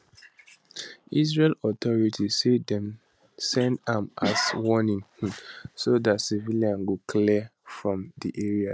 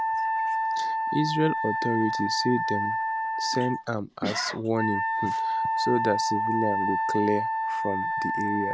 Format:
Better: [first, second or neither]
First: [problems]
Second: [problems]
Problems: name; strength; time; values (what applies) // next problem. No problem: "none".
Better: first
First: none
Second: background sound (Wind instrument, woodwind instrument); 2 dB above the speech